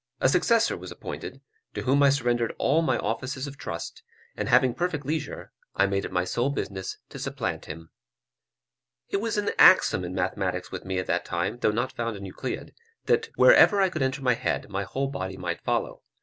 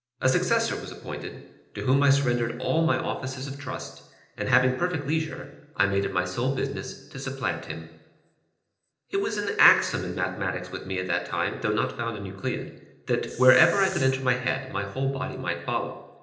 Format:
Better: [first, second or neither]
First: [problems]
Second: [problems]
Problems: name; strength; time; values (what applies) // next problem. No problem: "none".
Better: first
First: none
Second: noise reduction (neural separator model SepFormer DNS4)